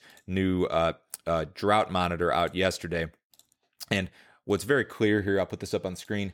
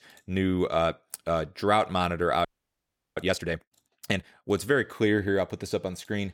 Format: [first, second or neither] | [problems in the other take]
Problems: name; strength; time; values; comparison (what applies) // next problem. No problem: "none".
first | audio freezing; at 2.5 s for 0.5 s